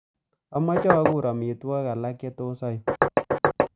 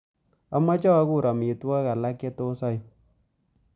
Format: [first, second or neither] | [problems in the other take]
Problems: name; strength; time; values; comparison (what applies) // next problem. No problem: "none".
second | noise reduction (neural mask model RNNoise)